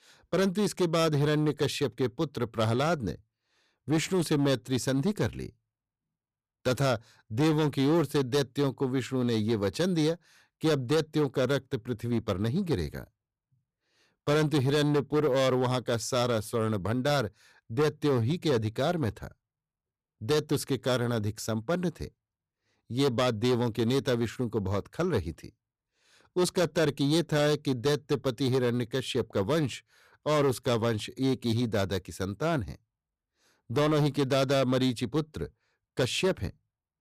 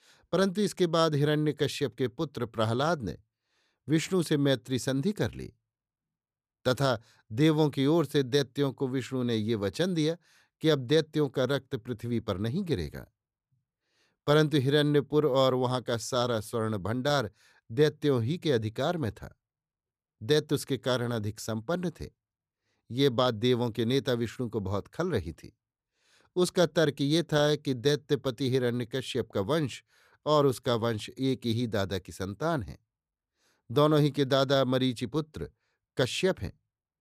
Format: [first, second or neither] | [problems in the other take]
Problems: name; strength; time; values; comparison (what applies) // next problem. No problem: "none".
second | distortion; slight; 8% of the sound clipped